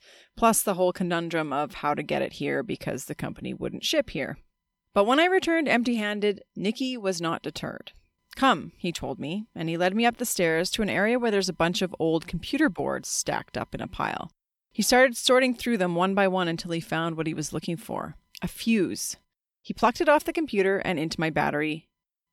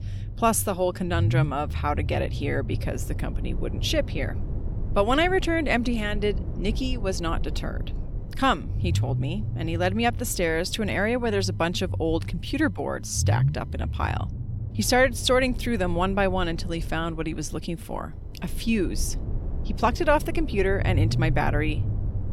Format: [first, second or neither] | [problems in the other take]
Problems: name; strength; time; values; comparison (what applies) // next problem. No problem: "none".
first | low rumble; noticeable; throughout; 15 dB below the speech